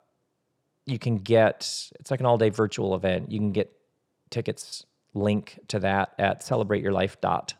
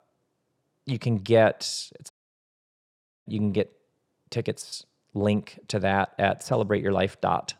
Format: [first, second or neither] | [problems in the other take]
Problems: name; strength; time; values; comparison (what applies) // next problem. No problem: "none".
first | audio cutting out; at 2 s for 1 s